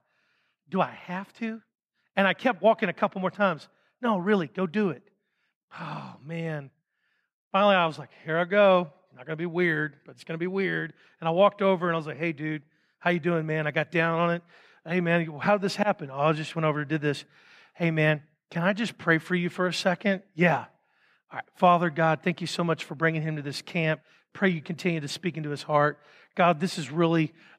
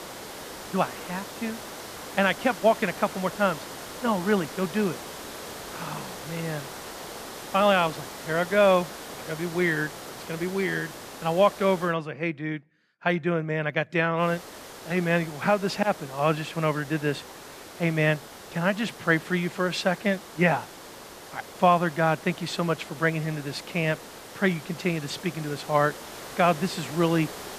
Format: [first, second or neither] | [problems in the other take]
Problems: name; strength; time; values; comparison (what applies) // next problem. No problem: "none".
first | hiss; noticeable; until 12 s and from 14 s on; 15 dB below the speech